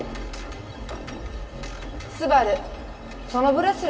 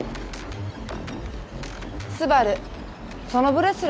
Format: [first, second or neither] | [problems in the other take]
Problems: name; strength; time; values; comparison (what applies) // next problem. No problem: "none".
second | room echo; dies away in 2.9 s